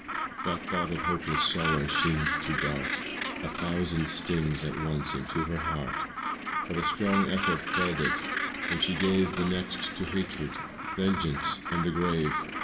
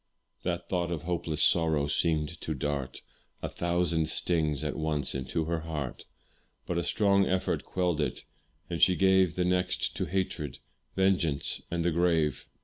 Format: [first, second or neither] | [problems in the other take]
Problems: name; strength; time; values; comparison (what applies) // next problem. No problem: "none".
second | background sound (Gull, seagull); 2 dB below the speech // room echo; dies away in 1.6 s